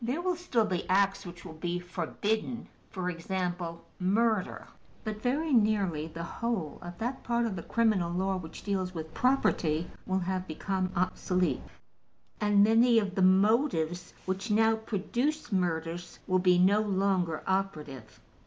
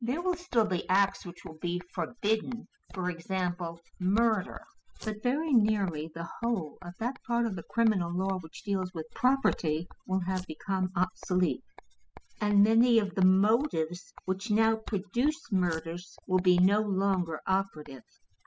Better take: first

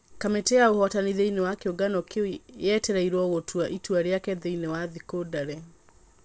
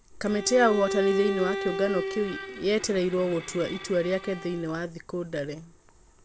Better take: first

